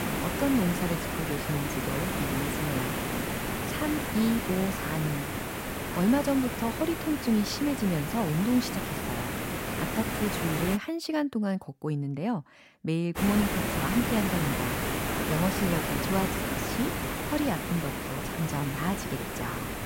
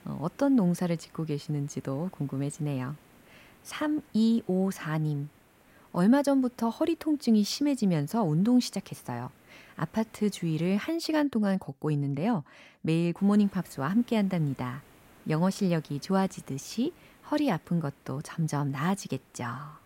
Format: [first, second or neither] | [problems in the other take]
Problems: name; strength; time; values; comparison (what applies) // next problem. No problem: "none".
second | hiss; loud; until 11 s and from 13 s on; 1 dB below the speech; faint in the second